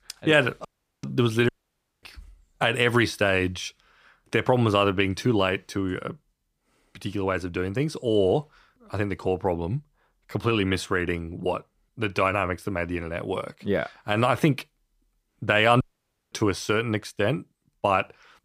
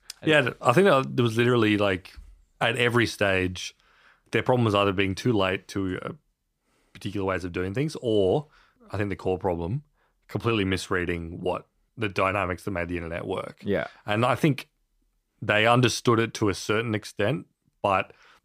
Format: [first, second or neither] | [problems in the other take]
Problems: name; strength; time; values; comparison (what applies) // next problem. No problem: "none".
second | audio cutting out; at 0.5 s, at 1.5 s for 0.5 s and at 16 s for 0.5 s